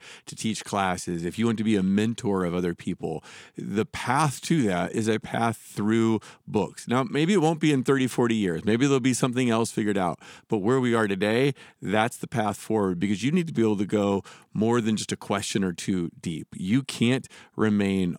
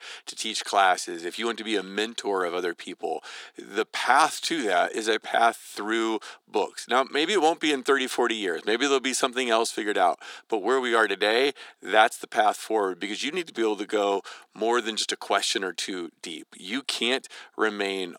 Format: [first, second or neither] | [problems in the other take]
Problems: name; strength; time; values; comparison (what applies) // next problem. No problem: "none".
first | thin; very; fading below 350 Hz